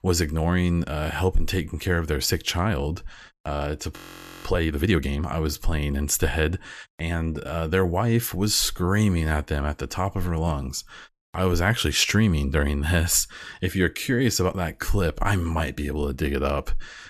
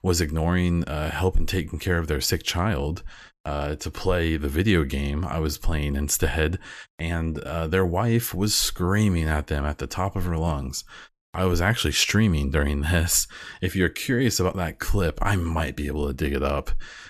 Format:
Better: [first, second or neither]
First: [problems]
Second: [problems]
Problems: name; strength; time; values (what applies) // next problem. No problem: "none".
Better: second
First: audio freezing; at 4 s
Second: none